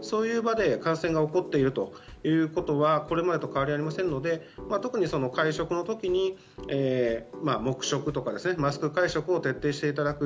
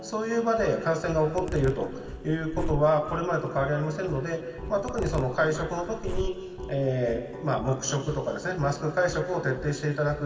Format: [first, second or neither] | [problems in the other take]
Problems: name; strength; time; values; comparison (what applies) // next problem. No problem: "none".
first | background sound (Zipper (clothing)); 9 dB below the speech // room echo; dies away in 2 s